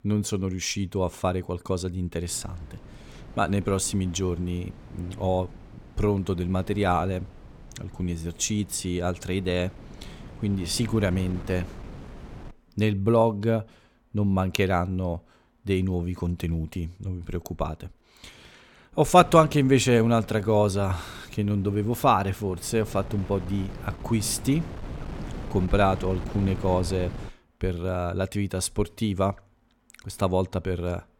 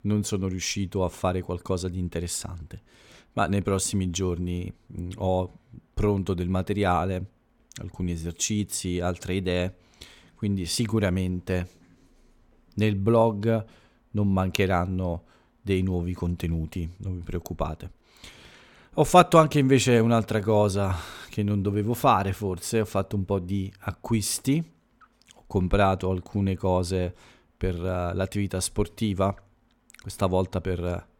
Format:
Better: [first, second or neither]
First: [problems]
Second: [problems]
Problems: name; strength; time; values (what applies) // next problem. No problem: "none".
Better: second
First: wind noise on the microphone; occasional gusts; from 2.5 to 13 s and from 19 to 27 s; 20 dB below the speech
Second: none